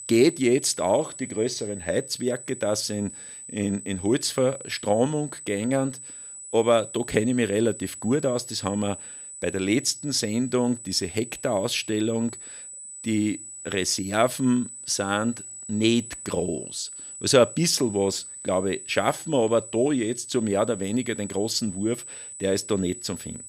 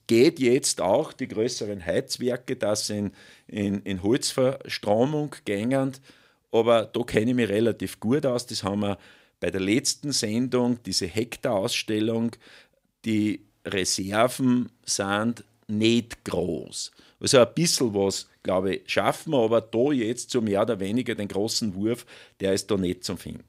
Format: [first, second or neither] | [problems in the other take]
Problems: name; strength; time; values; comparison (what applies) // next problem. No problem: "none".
second | high-pitched whine; noticeable; throughout; 8 kHz, 10 dB below the speech